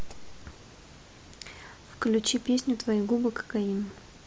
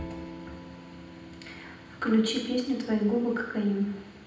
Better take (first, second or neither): first